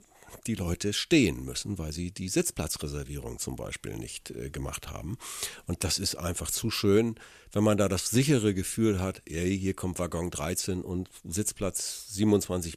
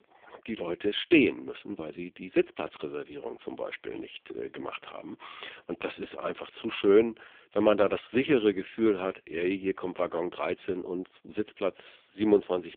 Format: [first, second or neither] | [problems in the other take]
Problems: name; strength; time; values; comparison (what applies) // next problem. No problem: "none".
first | phone-call audio; poor line